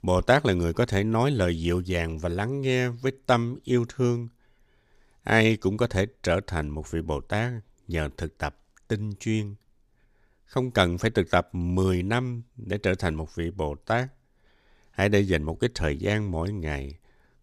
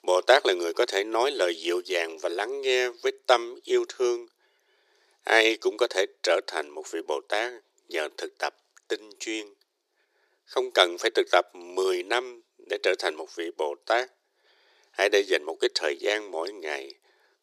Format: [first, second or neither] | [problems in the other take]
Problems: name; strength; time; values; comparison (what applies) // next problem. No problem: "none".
first | thin; very; fading below 350 Hz